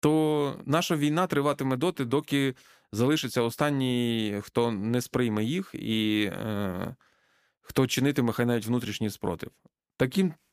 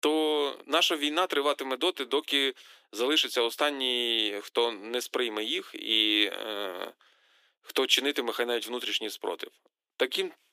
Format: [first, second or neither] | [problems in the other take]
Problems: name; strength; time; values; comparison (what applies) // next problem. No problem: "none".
first | thin; somewhat; fading below 350 Hz